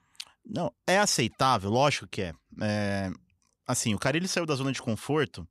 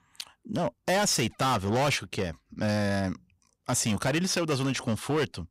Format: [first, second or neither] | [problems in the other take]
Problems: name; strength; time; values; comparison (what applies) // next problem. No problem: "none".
first | distortion; heavy; 13% of the sound clipped